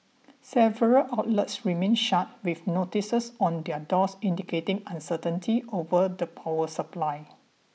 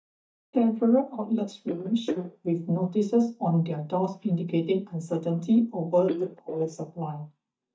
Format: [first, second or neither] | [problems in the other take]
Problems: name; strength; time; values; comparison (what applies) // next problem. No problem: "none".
first | noise reduction (neural mask model DeepFilterNet 3)